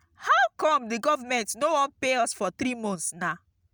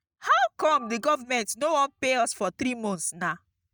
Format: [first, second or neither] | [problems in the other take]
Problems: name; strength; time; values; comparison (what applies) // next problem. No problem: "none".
first | noise reduction (neural mask model DeepFilterNet 3)